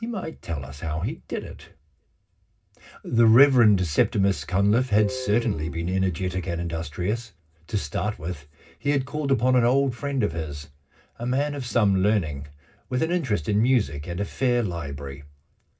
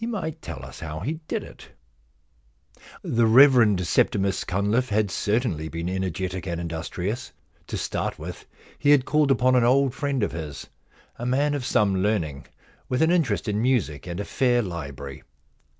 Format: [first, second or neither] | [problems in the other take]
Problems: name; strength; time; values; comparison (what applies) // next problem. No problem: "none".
second | background sound (Guitar); 12 dB below the speech // room echo; dies away in 0.4 s